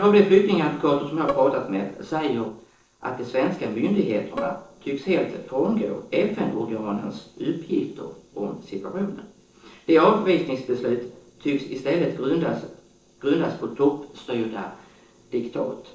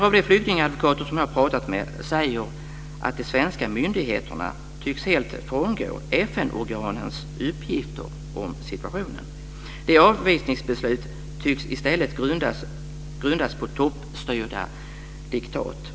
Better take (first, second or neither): second